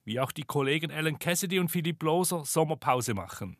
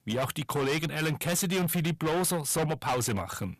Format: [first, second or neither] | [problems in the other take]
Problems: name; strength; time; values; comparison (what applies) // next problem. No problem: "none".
first | distortion; heavy; 22% of the sound clipped